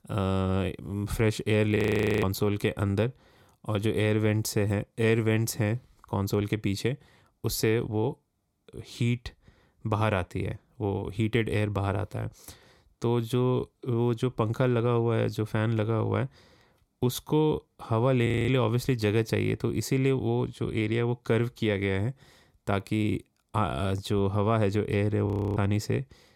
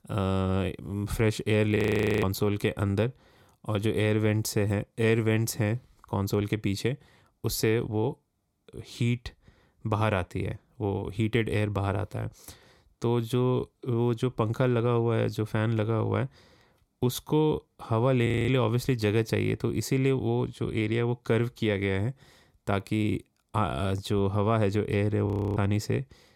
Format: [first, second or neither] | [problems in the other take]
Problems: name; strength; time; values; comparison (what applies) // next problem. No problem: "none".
neither | audio freezing; at 2 s, at 18 s and at 25 s; the same in both